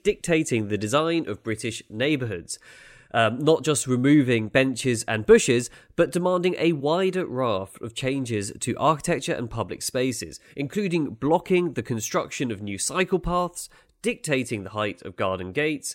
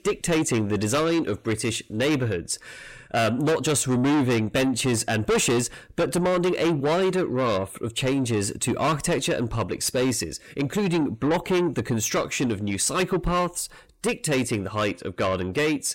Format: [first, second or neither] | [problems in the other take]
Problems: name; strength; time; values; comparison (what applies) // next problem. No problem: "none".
first | distortion; heavy; 6 dB below the speech